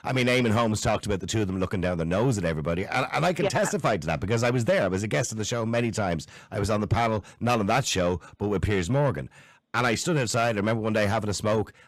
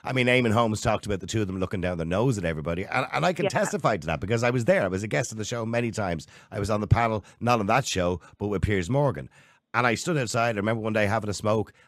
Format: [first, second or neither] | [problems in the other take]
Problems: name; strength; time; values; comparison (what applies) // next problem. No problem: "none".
second | distortion; slight; 10 dB below the speech